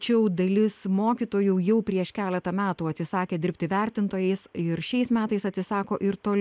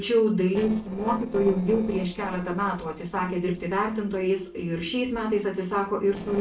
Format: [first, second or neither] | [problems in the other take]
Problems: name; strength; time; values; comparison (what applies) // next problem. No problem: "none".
first | noise reduction (neural separator model SepFormer DNS4)